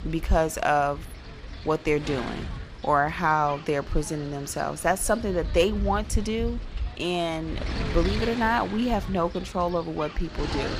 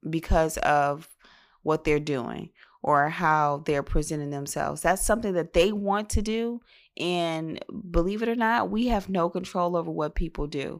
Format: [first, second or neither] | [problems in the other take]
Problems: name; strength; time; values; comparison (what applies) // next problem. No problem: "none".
second | wind noise on the microphone; occasional gusts; 15 dB below the speech